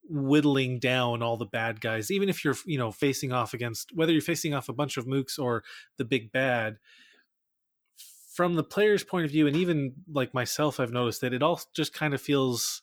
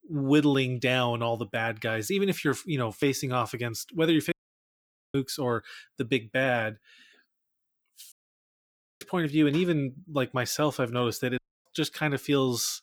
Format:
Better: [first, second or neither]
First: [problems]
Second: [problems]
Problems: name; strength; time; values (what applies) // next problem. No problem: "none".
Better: first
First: none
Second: audio cutting out; at 4.5 s for 1 s, at 8 s for 1 s and at 11 s